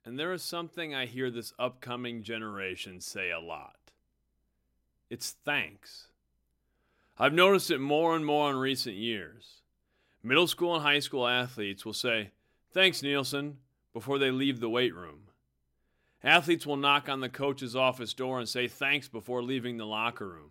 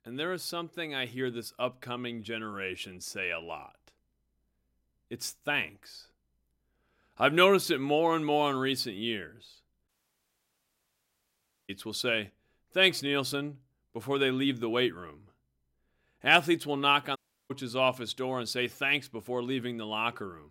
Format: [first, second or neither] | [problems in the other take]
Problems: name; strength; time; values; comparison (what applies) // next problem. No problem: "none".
first | audio cutting out; at 10 s for 2 s and at 17 s